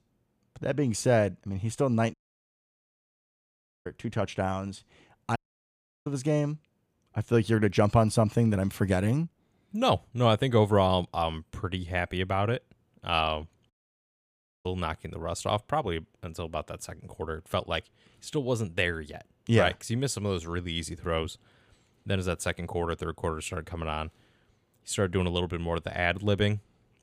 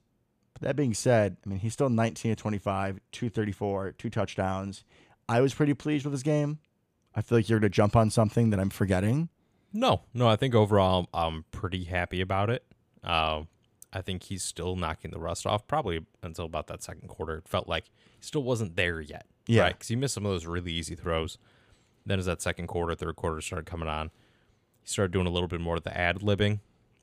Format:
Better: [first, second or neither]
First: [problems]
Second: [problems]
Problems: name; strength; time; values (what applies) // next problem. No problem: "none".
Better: second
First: audio cutting out; at 2 s for 1.5 s, at 5.5 s for 0.5 s and at 14 s for 1 s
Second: none